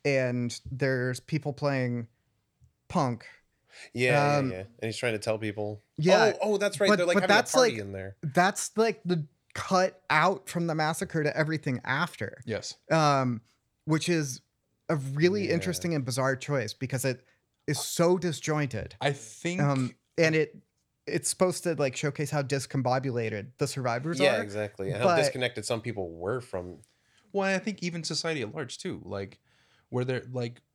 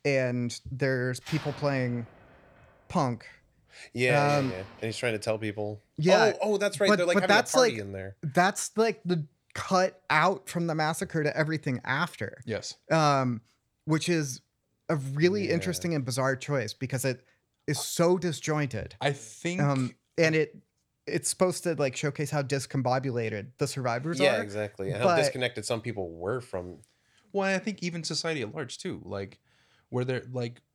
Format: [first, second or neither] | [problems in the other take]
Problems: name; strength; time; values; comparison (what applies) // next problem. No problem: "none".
first | door banging; faint; from 1 to 5 s; peak 10 dB below the speech